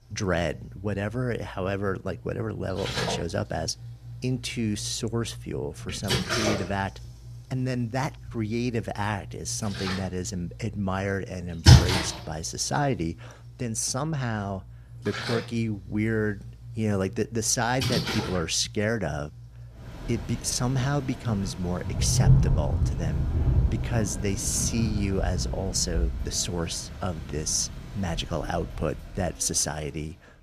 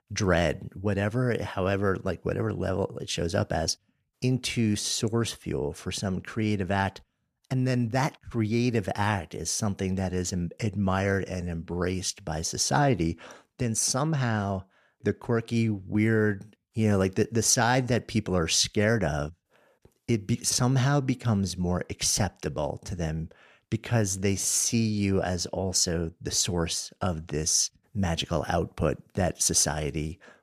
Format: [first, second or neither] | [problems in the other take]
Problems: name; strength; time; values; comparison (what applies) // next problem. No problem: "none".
second | rain or running water; very loud; throughout; 2 dB above the speech